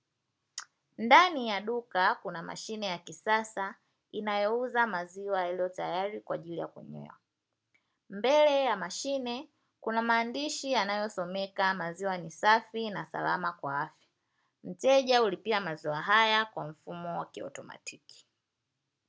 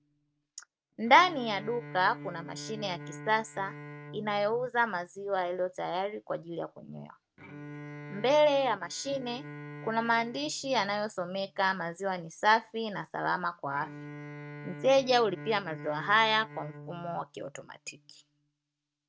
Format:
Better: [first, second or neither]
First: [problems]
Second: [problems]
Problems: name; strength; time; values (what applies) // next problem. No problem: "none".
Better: first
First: none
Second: noise reduction (neural mask model RNNoise)